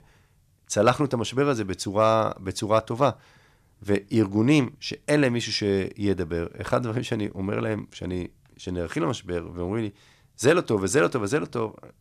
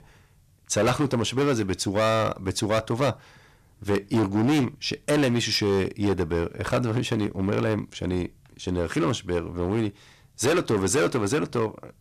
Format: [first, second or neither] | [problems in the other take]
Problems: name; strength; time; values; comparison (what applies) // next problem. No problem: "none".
first | distortion; heavy; 11% of the sound clipped